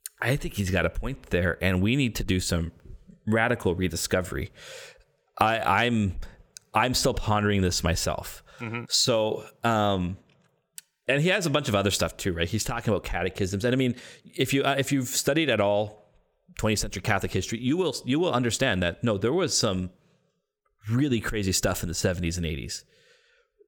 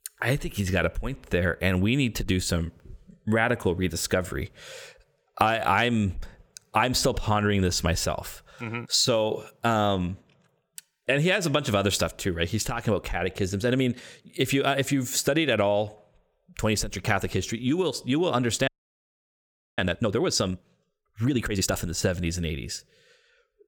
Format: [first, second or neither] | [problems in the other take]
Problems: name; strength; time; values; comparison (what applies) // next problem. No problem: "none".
first | audio freezing; at 19 s for 1 s